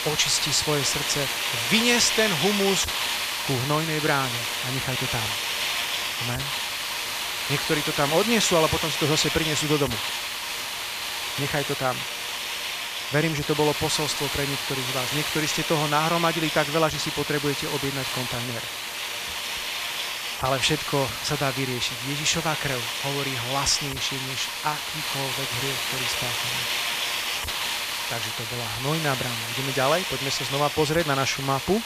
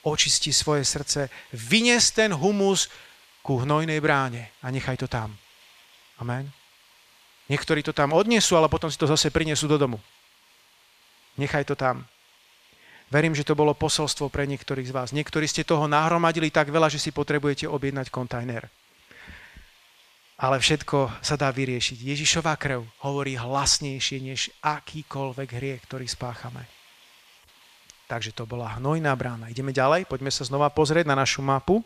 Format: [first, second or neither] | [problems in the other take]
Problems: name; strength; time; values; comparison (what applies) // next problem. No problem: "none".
second | hiss; loud; throughout; 1 dB below the speech; faint in the second